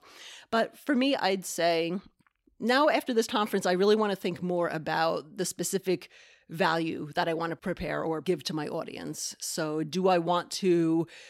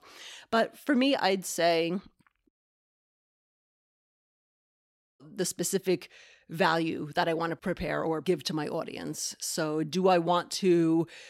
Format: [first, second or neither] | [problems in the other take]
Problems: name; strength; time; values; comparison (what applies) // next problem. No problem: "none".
first | audio cutting out; at 2.5 s for 2.5 s